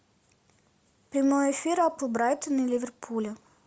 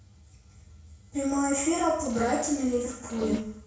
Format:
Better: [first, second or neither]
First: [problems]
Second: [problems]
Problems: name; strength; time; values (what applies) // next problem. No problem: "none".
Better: first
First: none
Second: background sound (Fart); 11 dB below the speech // room echo; dies away in 0.6 s